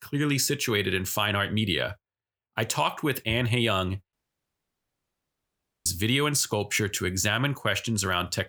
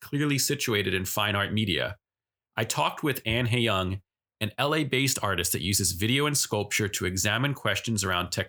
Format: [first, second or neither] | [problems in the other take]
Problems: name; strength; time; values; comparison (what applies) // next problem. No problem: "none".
second | audio cutting out; at 4 s for 1.5 s